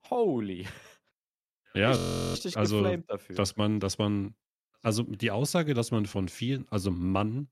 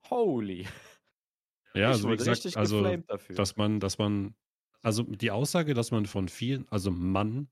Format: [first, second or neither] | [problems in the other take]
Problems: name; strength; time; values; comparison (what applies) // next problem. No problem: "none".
second | audio freezing; at 2 s